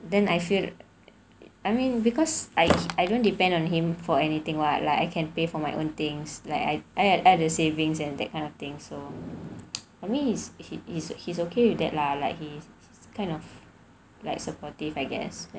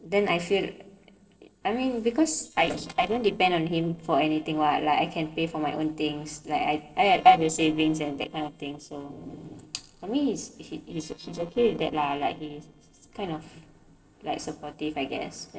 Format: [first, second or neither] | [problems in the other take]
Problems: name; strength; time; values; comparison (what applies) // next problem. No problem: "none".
first | noise reduction (neural separator model SepFormer DNS4)